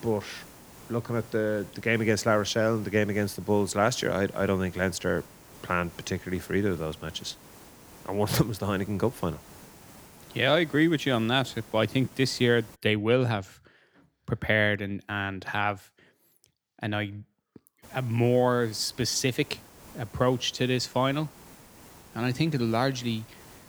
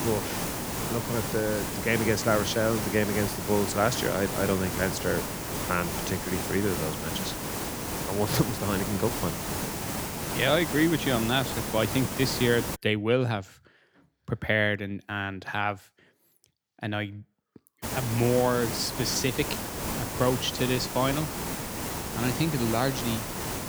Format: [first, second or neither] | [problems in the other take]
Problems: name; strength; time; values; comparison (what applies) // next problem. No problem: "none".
first | hiss; loud; until 13 s and from 18 s on; 4 dB below the speech; faint in the first